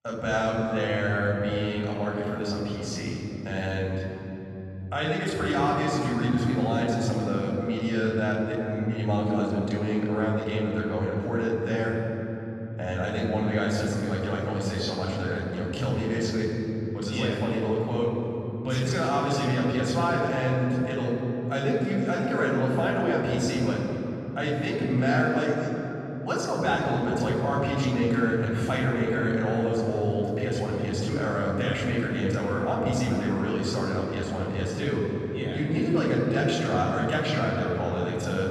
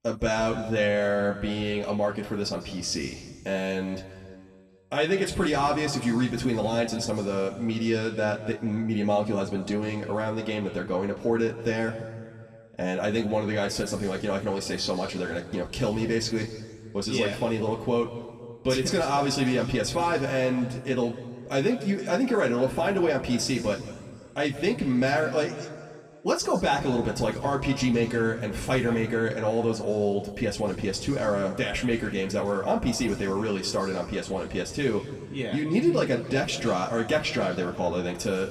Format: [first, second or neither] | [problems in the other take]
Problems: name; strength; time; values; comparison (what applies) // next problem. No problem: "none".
second | room echo; strong; dies away in 3 s; slight in the second // off-mic speech; far; somewhat distant in the second